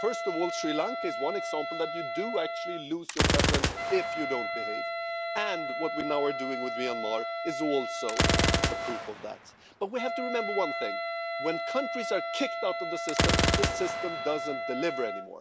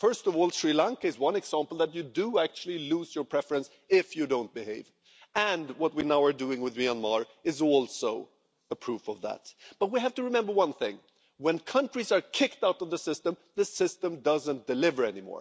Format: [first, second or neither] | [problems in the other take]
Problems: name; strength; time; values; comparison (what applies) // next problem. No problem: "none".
second | background sound (Gunshot, gunfire + Wind instrument, woodwind instrument); 3 dB above the speech